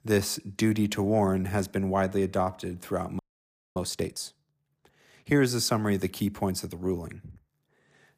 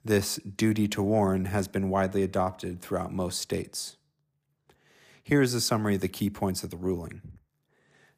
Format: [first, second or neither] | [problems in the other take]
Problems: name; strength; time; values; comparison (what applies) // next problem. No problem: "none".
second | audio freezing; at 3 s for 0.5 s